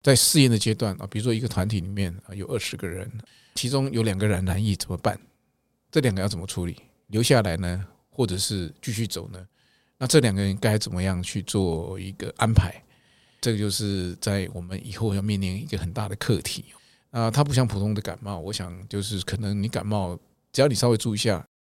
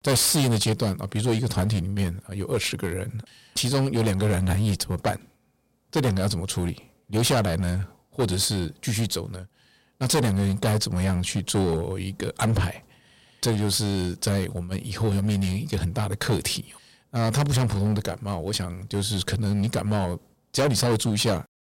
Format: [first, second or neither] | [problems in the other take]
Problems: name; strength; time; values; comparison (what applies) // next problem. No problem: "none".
first | distortion; heavy; 11% of the sound clipped